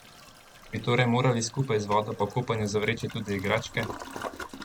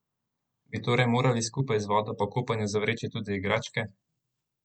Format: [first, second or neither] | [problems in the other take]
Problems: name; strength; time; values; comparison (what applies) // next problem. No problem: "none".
second | background sound (Toilet flush); 14 dB below the speech